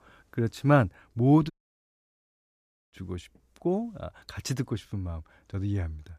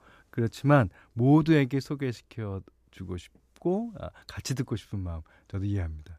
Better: second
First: audio cutting out; at 1.5 s for 1.5 s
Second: none

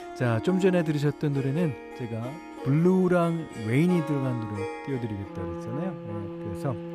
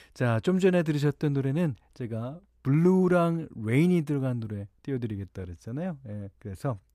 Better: second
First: background music; noticeable; throughout; 10 dB below the speech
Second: none

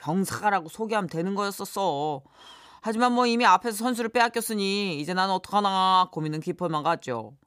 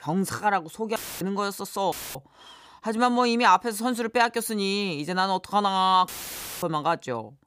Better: first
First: none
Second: audio cutting out; filled with static; at 1 s, at 2 s and at 6 s for 0.5 s

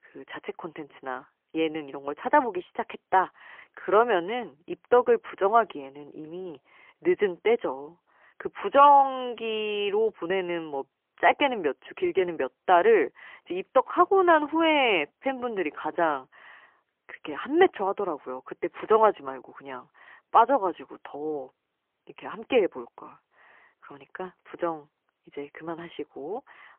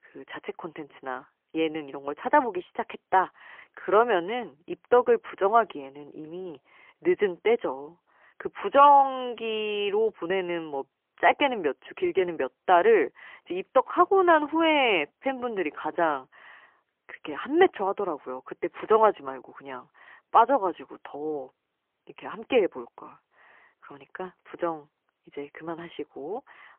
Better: neither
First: phone-call audio; poor line; nothing above 3 kHz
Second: phone-call audio; poor line; nothing above 3 kHz

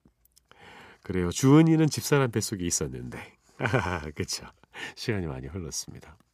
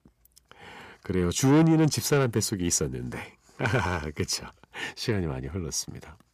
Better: first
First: none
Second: distortion; slight; 10 dB below the speech

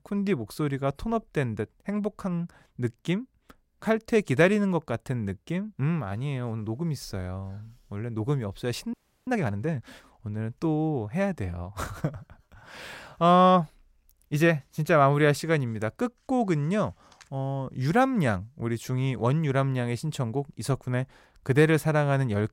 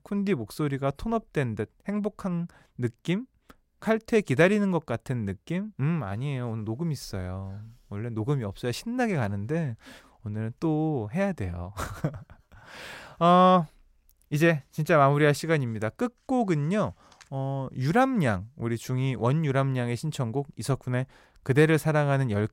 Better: second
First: audio freezing; at 9 s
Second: none

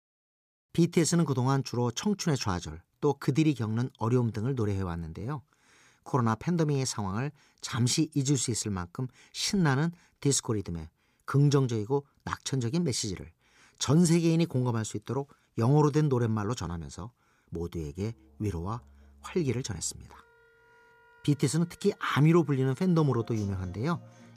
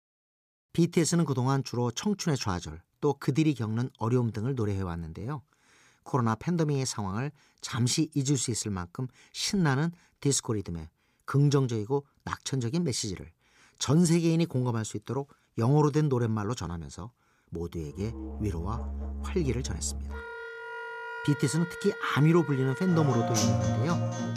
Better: first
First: background music; faint; from 18 s on; 25 dB below the speech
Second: background music; loud; from 18 s on; 6 dB below the speech

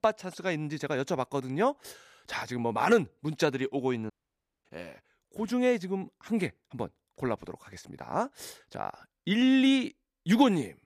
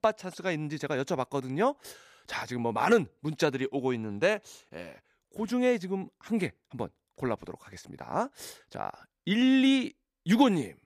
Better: second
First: audio cutting out; at 4 s for 0.5 s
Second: none

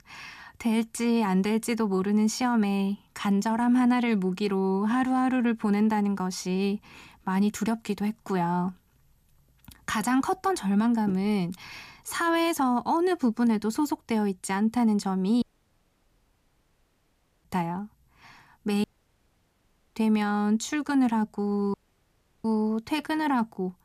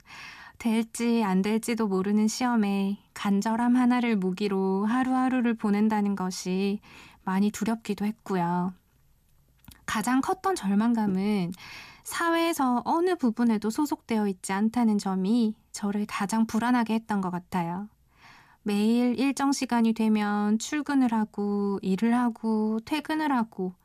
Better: second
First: audio cutting out; at 15 s for 2 s, at 19 s for 1 s and at 22 s for 0.5 s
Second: none

